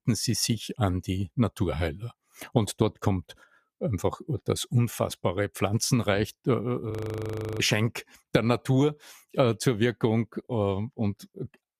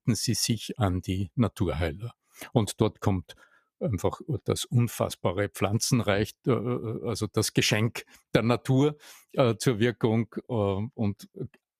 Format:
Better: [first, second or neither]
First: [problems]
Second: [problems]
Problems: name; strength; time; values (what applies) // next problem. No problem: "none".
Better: second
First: audio freezing; at 7 s for 0.5 s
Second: none